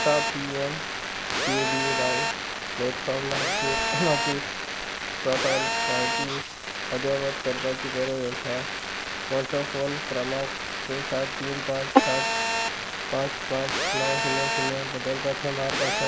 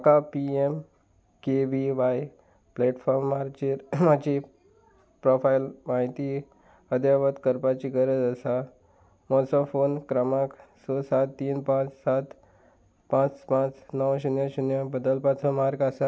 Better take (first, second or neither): second